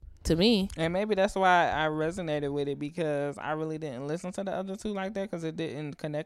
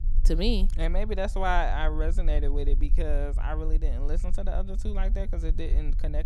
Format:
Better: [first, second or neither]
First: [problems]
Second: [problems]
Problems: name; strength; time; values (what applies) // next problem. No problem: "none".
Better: first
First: none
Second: low rumble; noticeable; throughout; 20 dB below the speech